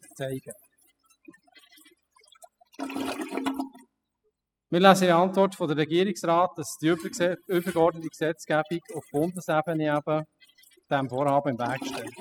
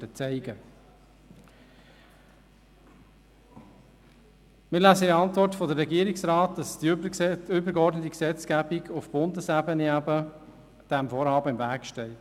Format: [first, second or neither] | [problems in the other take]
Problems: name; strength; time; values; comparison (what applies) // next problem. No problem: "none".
second | noise reduction (classical method spectral subtraction)